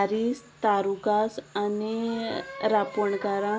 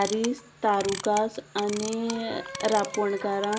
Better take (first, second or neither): first